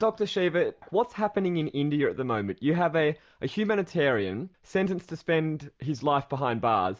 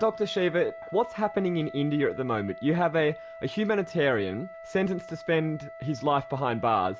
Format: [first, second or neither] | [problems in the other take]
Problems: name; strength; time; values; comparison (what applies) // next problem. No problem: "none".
first | background sound (Wind instrument, woodwind instrument); 15 dB below the speech